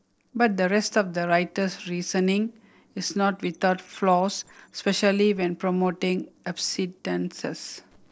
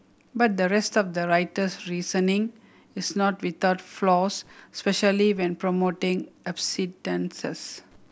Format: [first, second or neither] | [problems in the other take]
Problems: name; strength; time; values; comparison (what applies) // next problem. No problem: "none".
second | noise reduction (neural separator model SepFormer DNS4)